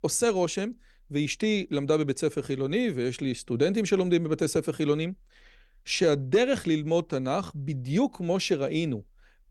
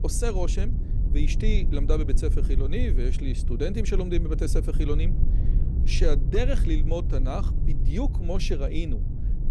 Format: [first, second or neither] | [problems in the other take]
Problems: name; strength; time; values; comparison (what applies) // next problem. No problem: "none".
first | low rumble; noticeable; throughout; 10 dB below the speech